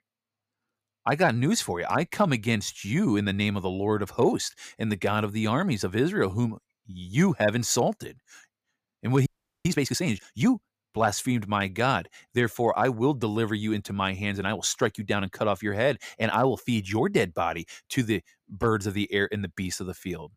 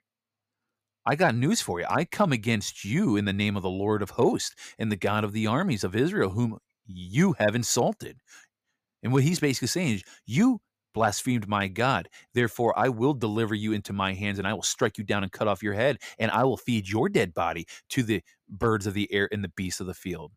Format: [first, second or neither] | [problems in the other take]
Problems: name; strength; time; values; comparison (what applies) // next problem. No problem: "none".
second | audio freezing; at 9.5 s